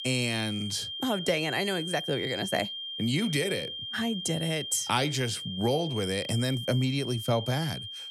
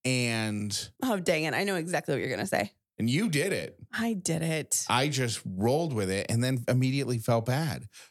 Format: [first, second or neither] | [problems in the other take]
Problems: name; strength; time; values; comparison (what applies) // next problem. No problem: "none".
second | high-pitched whine; loud; throughout; 3 kHz, 6 dB below the speech